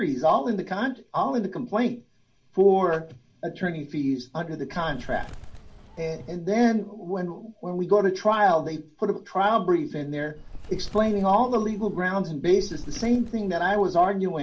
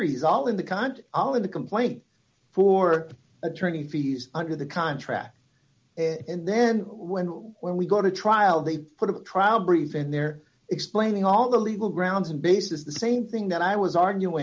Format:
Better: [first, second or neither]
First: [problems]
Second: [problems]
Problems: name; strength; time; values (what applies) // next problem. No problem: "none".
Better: second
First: background sound (Bird); 13 dB below the speech // room echo; dies away in 0.1 s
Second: none